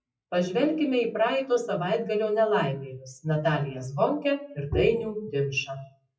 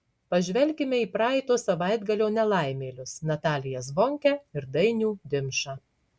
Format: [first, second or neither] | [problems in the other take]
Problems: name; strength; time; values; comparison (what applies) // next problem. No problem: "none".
second | noise reduction (classical method WPE with log-MMSE)